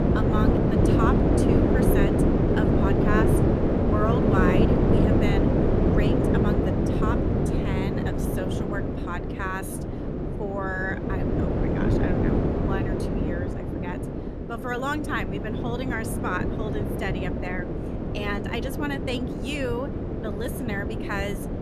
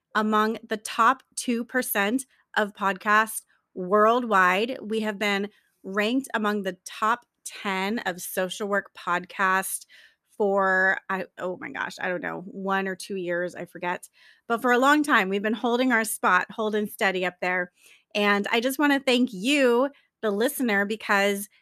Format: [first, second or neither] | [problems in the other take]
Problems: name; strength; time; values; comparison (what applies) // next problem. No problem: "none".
second | wind noise on the microphone; heavy; 3 dB above the speech